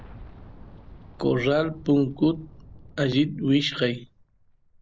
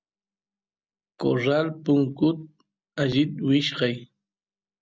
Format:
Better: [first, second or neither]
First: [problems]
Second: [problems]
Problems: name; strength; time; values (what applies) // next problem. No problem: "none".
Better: second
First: background sound (Boom); 20 dB below the speech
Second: none